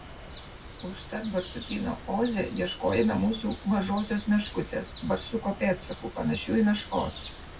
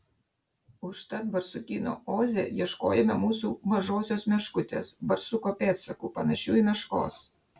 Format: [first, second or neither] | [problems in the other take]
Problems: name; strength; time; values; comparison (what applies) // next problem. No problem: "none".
second | background sound (Bird); 14 dB below the speech // room echo; dies away in 0.3 s